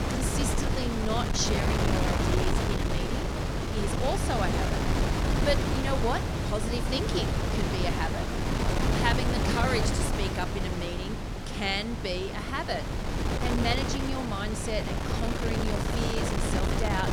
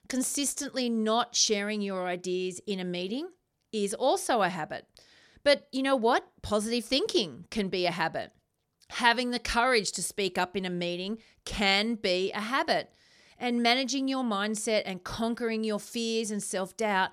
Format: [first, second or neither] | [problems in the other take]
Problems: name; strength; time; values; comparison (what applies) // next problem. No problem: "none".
second | wind noise on the microphone; heavy; as loud as the speech